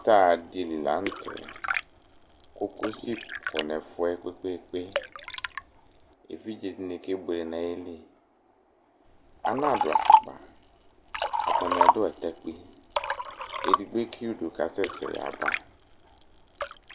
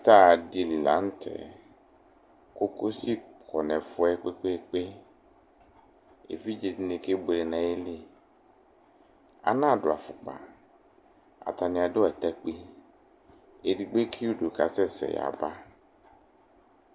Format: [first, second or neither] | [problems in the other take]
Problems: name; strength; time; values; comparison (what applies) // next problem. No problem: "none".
second | background sound (Liquid); 1 dB above the speech